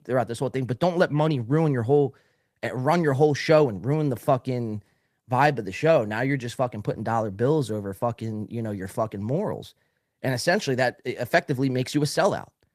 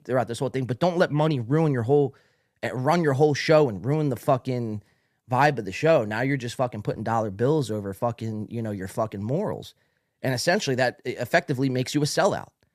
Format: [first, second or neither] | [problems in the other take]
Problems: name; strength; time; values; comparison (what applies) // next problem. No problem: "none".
second | garbled, watery; slightly; nothing above 14.5 kHz